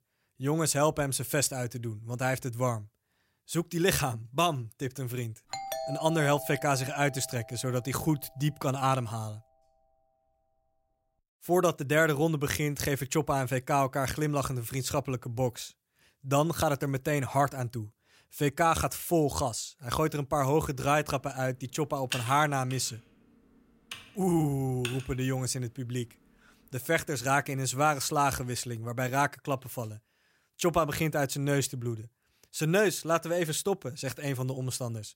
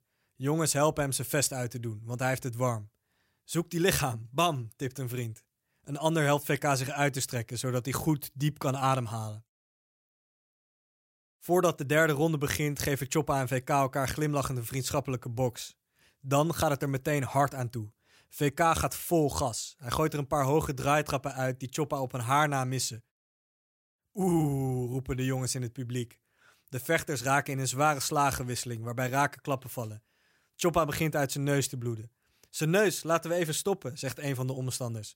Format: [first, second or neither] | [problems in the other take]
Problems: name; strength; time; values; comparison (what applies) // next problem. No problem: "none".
second | doorbell; noticeable; from 5.5 to 7.5 s; peak 6 dB below the speech // keyboard typing; noticeable; from 22 to 25 s; peak 6 dB below the speech